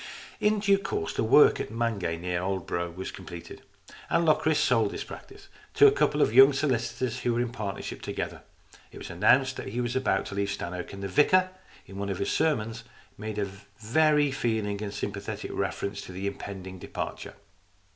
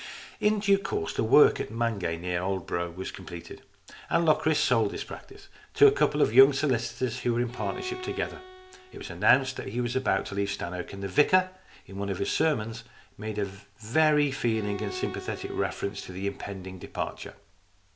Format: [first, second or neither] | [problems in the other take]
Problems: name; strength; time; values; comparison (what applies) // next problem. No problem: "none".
first | background sound (Bowed string instrument); 16 dB below the speech